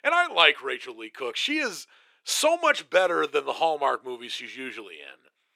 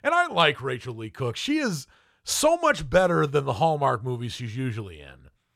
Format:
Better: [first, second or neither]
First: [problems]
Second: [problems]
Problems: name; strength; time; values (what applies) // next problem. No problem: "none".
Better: second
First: thin; somewhat; fading below 300 Hz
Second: none